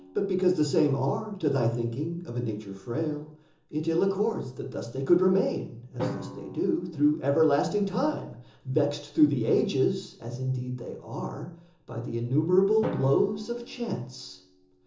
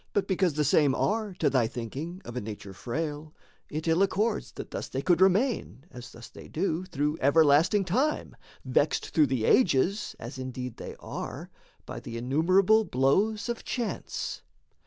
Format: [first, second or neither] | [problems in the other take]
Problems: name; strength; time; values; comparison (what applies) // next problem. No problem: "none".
second | background sound (Drum); 17 dB below the speech // room echo; dies away in 0.6 s